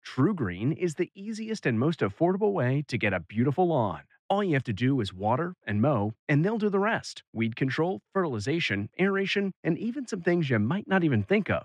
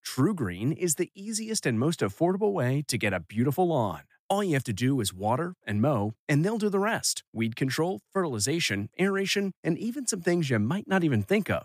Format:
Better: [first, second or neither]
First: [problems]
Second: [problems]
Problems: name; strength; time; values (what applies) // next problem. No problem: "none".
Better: second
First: muffled; slightly; fading above 2.5 kHz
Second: none